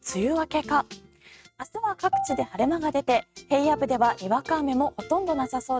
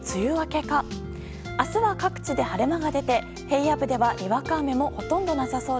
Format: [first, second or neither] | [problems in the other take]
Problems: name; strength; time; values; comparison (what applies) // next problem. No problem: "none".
second | noise reduction (neural mask model RNNoise)